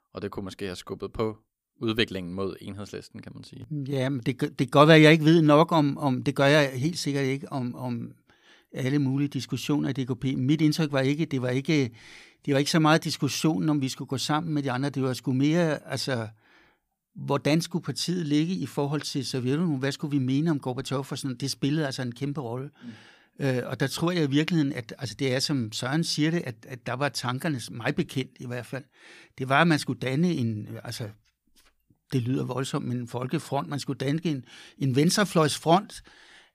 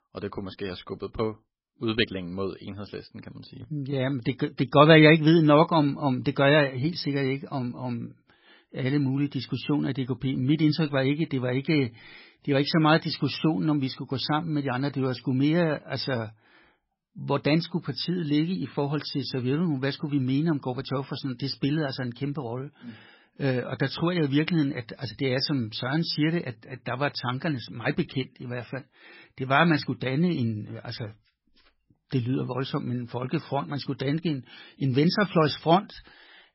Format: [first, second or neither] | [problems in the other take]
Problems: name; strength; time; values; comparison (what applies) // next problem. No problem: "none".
first | garbled, watery; badly; nothing above 5.5 kHz